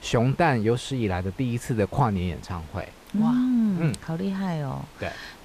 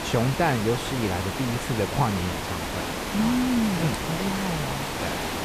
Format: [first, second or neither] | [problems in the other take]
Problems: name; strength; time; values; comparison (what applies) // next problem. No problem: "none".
first | hiss; loud; throughout; 2 dB below the speech; faint in the first